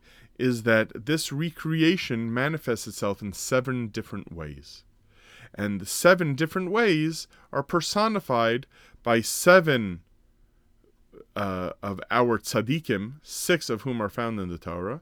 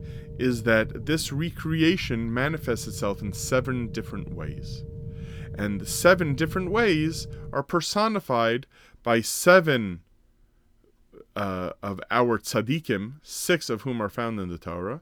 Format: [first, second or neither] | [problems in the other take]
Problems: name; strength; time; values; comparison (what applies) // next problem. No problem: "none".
first | low rumble; faint; until 7.5 s; 20 dB below the speech